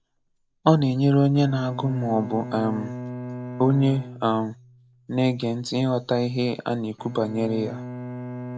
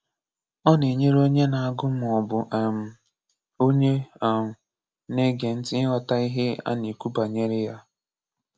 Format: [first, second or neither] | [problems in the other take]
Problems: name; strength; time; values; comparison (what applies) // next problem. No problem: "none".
second | background sound (Bowed string instrument); 13 dB below the speech